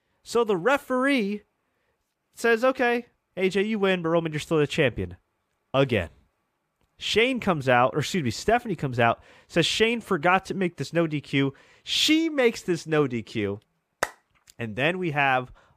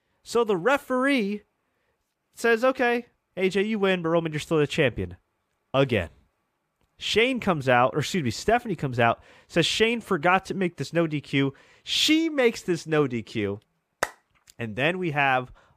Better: neither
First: none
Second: none

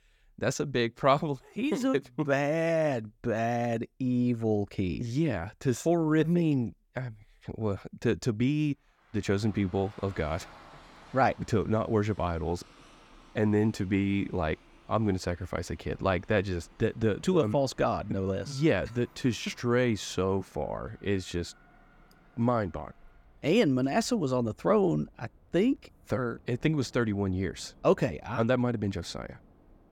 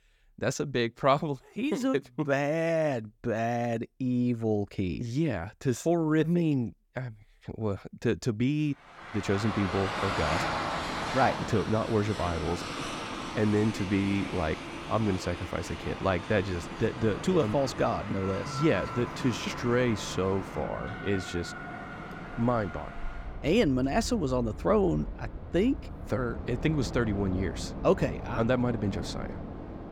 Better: first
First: train or aircraft noise; faint; from 9 s on; 25 dB below the speech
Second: train or aircraft noise; loud; from 9 s on; 8 dB below the speech

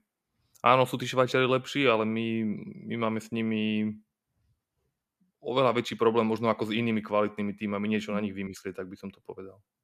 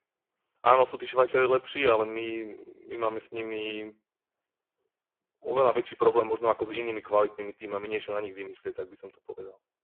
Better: first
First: none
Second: phone-call audio; poor line

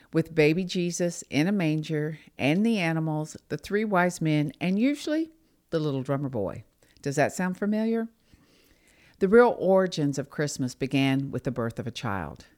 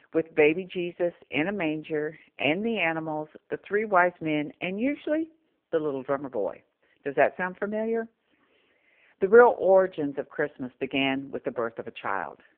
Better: first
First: none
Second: phone-call audio; poor line

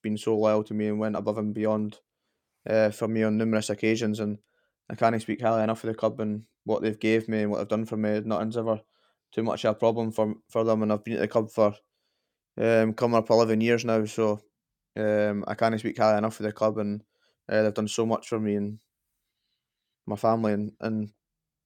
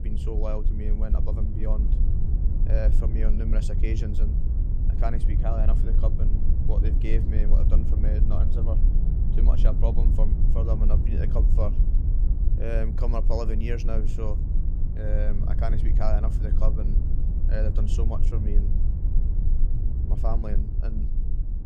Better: first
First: none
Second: low rumble; loud; throughout; 6 dB below the speech

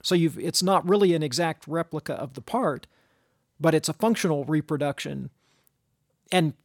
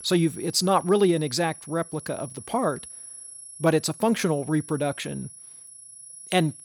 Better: first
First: none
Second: high-pitched whine; noticeable; throughout; 10.5 kHz, 15 dB below the speech

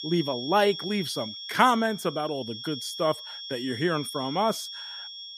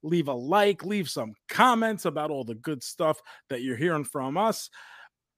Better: second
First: high-pitched whine; loud; throughout; 3.5 kHz, 9 dB below the speech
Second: none

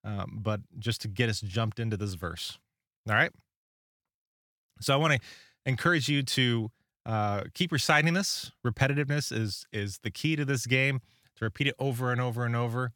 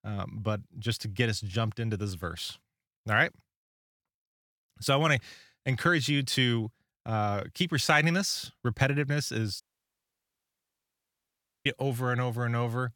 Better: first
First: none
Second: audio cutting out; at 9.5 s for 2 s

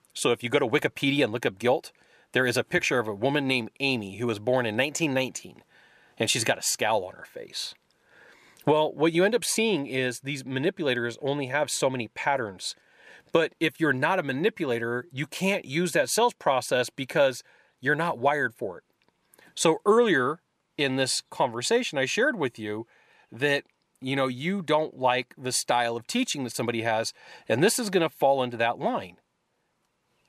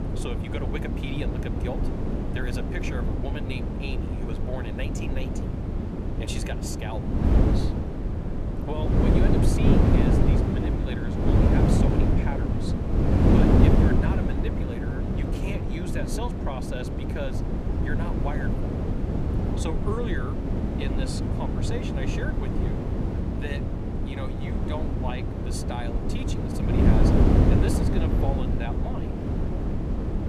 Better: first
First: none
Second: wind noise on the microphone; heavy; 4 dB above the speech

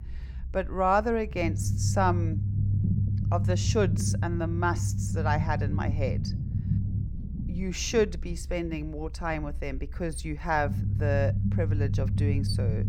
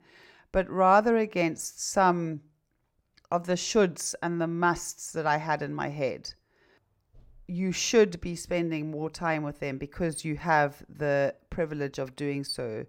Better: second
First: low rumble; noticeable; throughout; 10 dB below the speech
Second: none

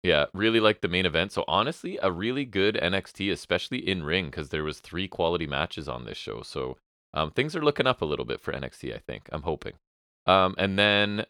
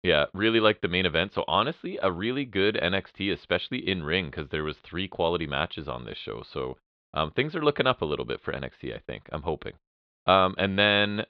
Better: first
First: none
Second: muffled; very slightly; fading above 3.5 kHz

